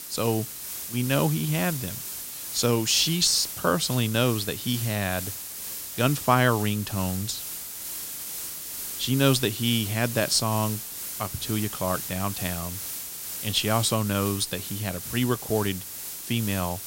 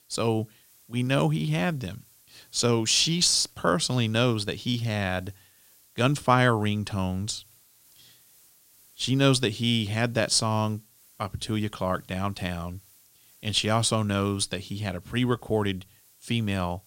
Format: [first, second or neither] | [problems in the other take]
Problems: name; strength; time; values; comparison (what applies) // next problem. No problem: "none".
second | hiss; loud; throughout; 7 dB below the speech; faint in the second